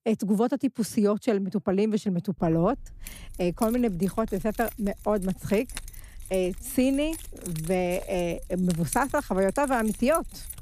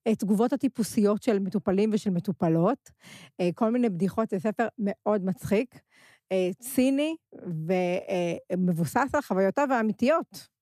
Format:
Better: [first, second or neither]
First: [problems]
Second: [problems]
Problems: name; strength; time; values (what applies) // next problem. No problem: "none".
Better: second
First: jangling keys; noticeable; from 2.5 s on; peak 8 dB below the speech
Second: none